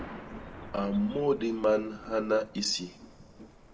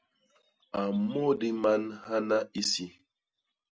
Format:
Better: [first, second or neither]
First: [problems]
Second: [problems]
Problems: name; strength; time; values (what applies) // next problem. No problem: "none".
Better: second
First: background sound (Thunder); 15 dB below the speech // room echo; dies away in 0.8 s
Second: none